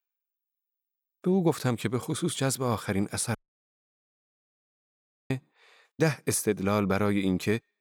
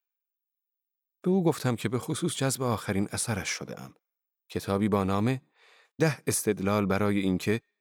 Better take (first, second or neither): second